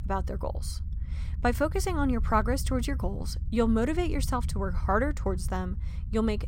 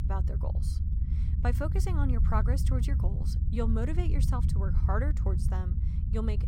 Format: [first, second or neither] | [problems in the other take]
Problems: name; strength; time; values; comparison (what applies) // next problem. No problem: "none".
first | low rumble; loud; throughout; 7 dB below the speech; faint in the first